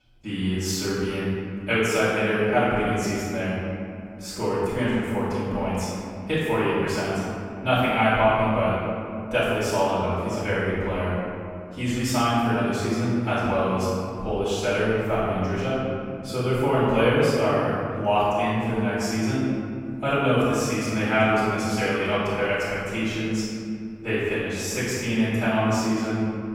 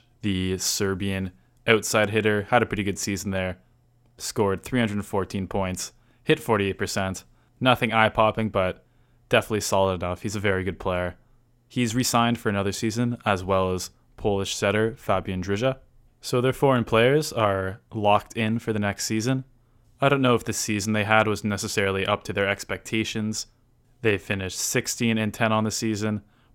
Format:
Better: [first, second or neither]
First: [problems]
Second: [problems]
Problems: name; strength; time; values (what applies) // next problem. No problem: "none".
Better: second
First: room echo; strong; dies away in 2.4 s // off-mic speech; far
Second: none